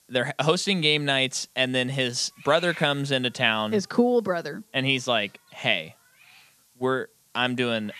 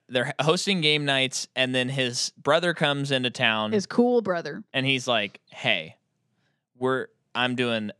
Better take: second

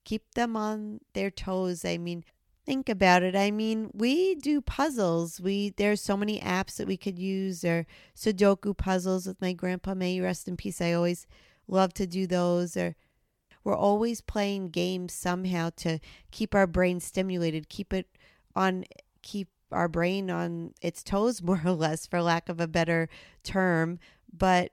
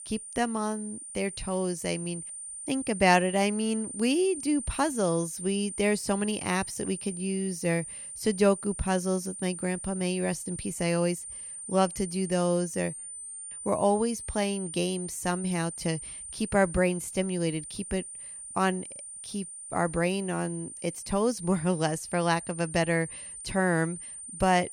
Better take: first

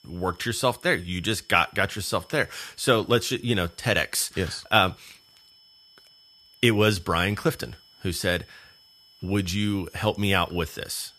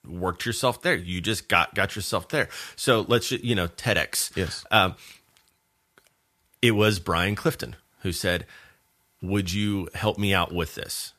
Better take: second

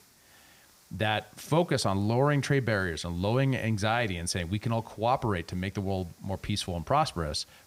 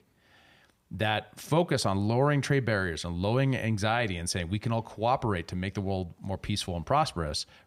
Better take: second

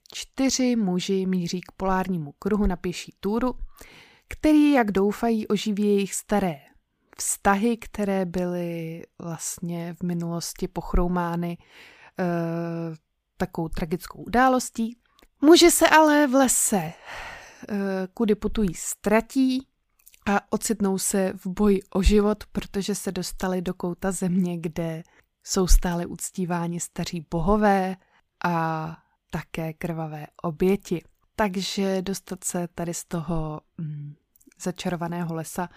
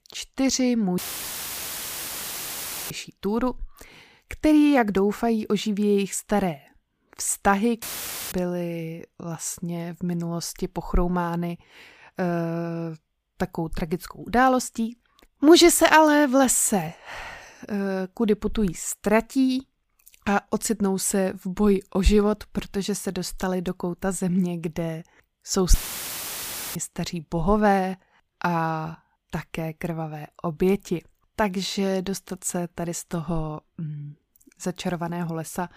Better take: first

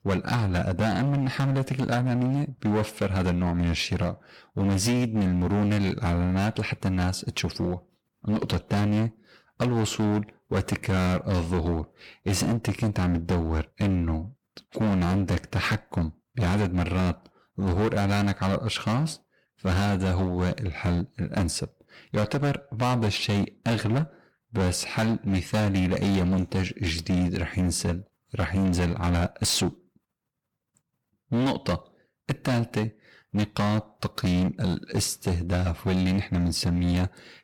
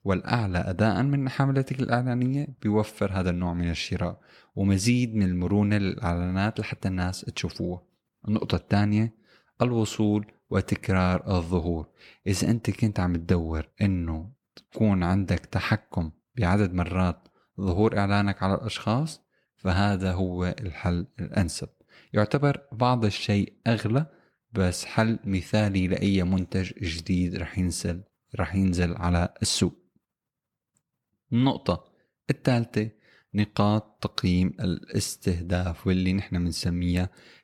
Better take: second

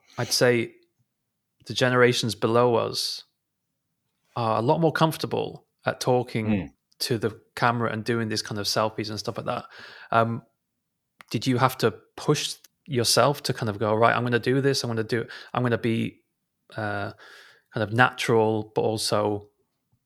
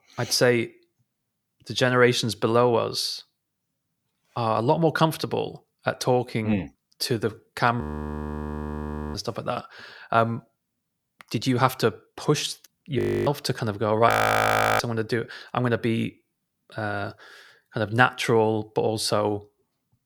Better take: first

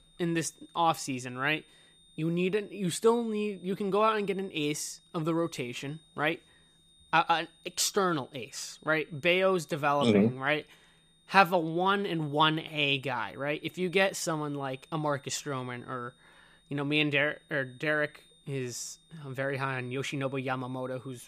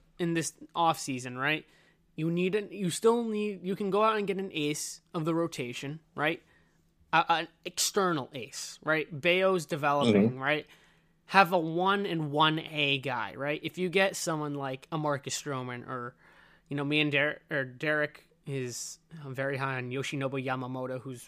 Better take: second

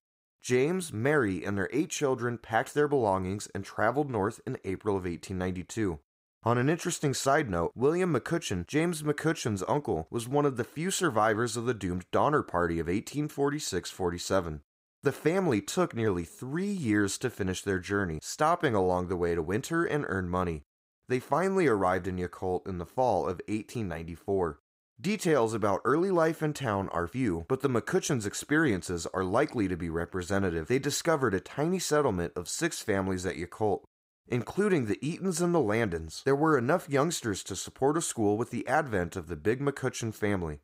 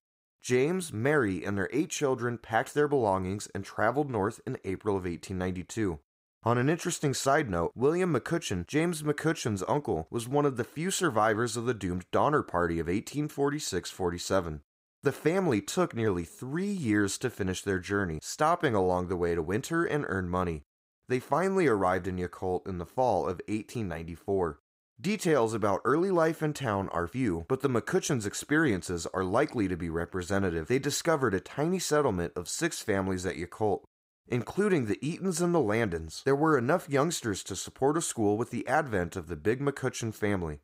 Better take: neither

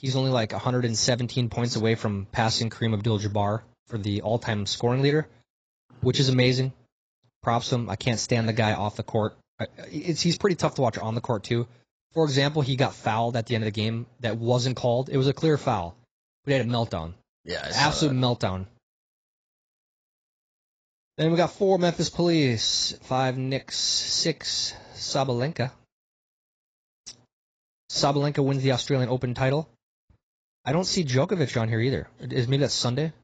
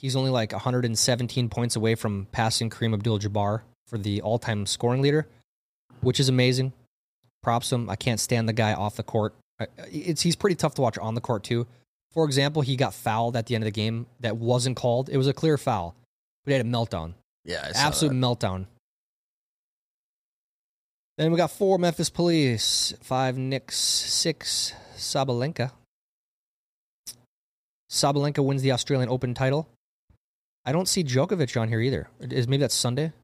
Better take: second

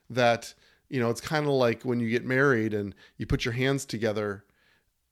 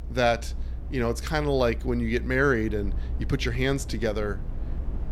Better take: first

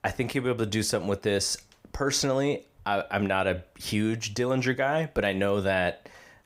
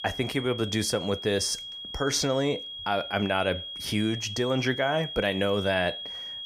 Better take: first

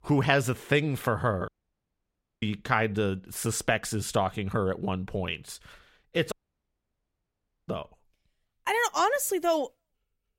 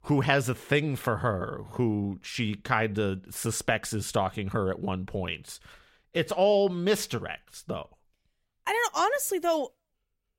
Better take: second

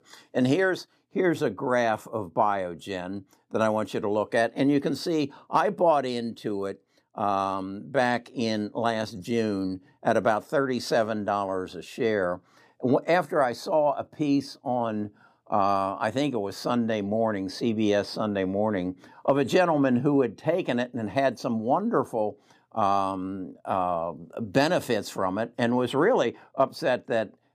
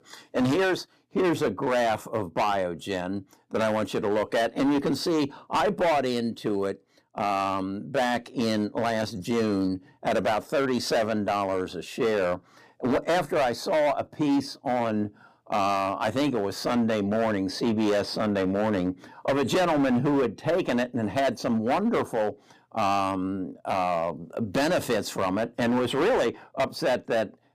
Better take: first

